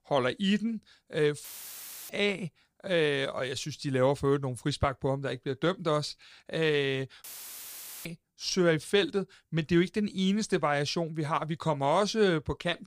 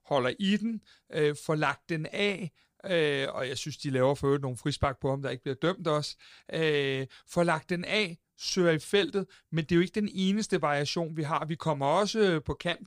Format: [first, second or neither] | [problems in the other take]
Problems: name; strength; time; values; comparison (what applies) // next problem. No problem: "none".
second | audio cutting out; filled with static; at 1.5 s for 0.5 s and at 7 s for 1 s